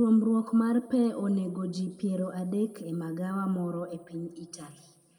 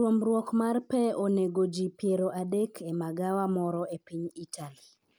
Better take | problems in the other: second | room echo; dies away in 1.9 s

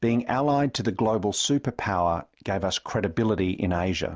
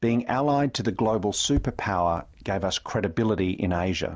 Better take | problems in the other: first | background sound (Tap); 14 dB below the speech

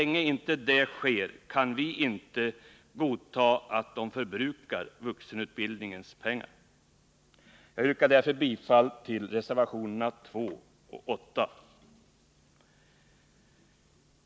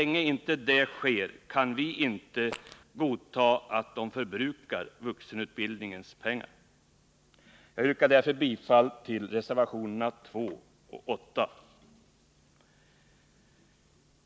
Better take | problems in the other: first | background sound (Fart); 13 dB below the speech

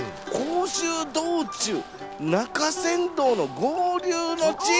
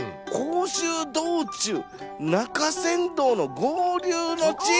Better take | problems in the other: second | background sound (Snare drum + Wind); 19 dB below the speech

